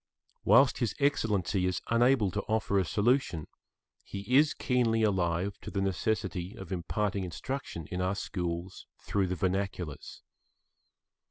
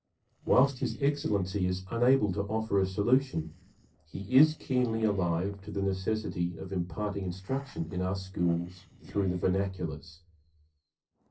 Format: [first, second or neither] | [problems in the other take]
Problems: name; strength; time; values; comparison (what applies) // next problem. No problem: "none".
first | noise reduction (neural separator model SepFormer DNS4)